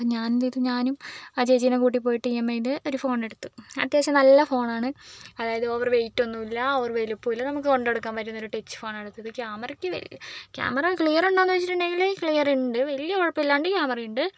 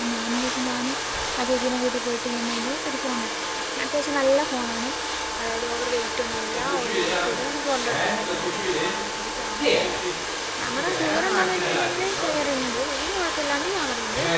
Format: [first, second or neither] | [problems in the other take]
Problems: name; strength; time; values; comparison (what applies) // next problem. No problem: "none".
first | background sound (Domestic sounds, home sounds); 2 dB above the speech